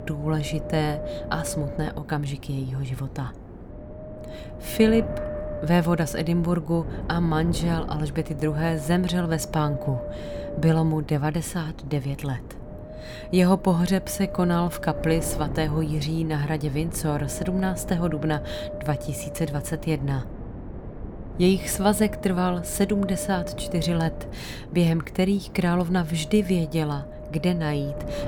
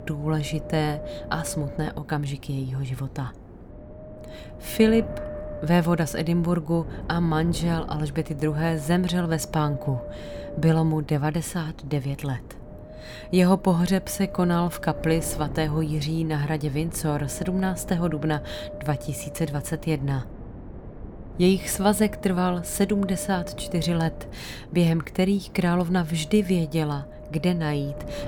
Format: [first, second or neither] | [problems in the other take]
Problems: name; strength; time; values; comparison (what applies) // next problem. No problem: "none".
second | wind noise on the microphone; heavy; 9 dB below the speech; occasional gusts in the second